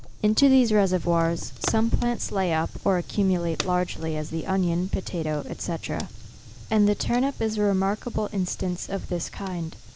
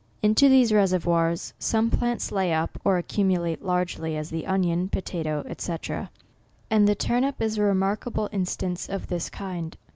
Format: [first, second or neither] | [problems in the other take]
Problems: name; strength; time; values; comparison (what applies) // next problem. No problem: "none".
second | background sound (Fire); 11 dB below the speech